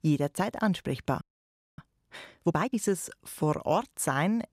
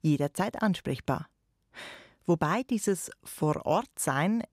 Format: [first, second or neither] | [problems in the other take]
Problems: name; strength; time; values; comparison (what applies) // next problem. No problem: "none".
second | audio freezing; at 1 s for 0.5 s